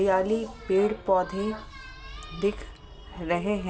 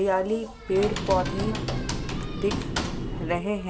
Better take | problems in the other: first | background sound (Typing); 3 dB below the speech

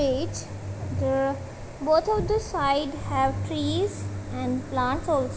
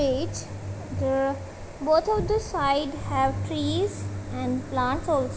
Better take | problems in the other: second | background sound (Bowed string instrument); 18 dB below the speech

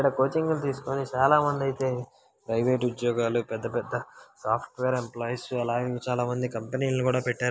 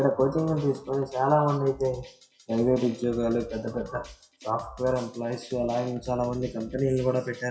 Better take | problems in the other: first | noise reduction (classical method WPE with log-MMSE)

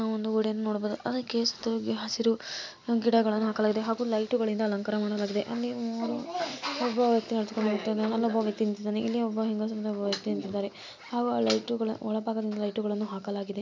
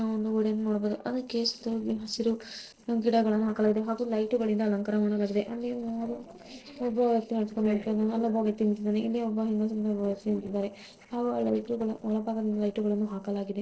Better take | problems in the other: first | noise reduction (neural separator model SepFormer DNS4)

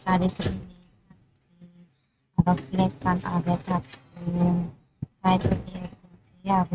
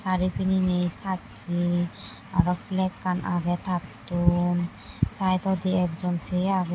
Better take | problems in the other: second | noise reduction (neural mask model RNNoise)

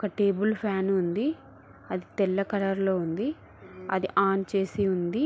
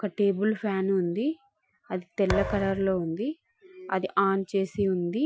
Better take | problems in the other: first | noise reduction (classical method Wiener filter)

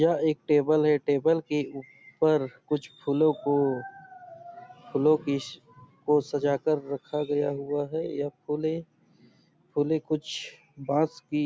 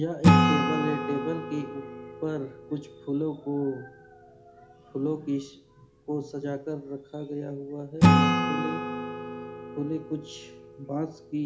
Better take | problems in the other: first | background sound (Acoustic guitar / Strum); 5 dB above the speech // room echo; dies away in 0.4 s

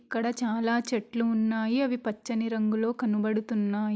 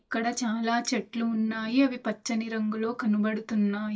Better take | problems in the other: first | noise reduction (neural mask model DeepFilterNet 3)

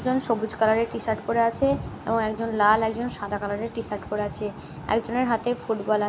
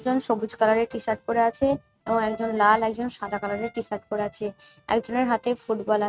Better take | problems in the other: first | noise reduction (neural mask model RNNoise)

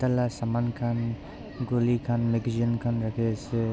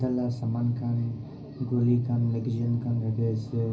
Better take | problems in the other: first | room echo; dies away in 0.5 s

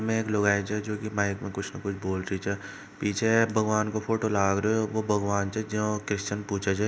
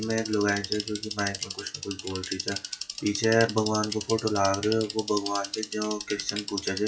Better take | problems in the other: first | noise reduction (classical method WPE with log-MMSE)

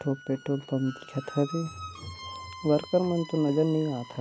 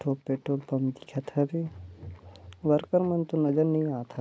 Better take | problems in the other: second | background sound (Squeak); 16 dB below the speech

